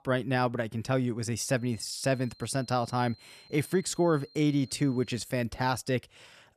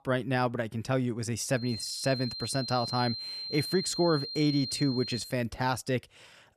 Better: first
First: high-pitched whine; faint; from 1.5 to 5.5 s; 4 kHz, 25 dB below the speech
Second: high-pitched whine; loud; from 1.5 to 5.5 s; 4 kHz, 5 dB below the speech

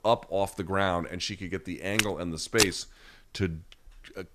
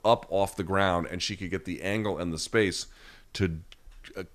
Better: second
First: footsteps; loud; at 2 s; peak 4 dB above the speech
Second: none

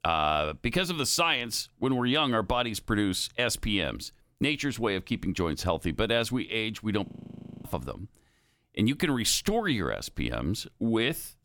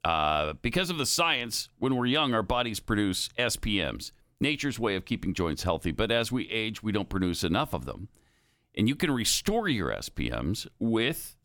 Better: second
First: audio freezing; at 7 s for 0.5 s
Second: none

